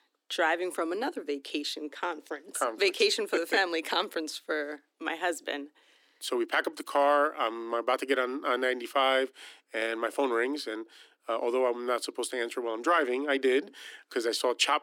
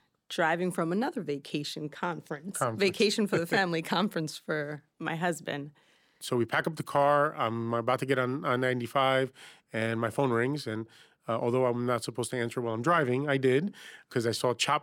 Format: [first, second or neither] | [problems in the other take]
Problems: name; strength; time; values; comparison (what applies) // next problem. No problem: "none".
second | thin; somewhat; fading below 300 Hz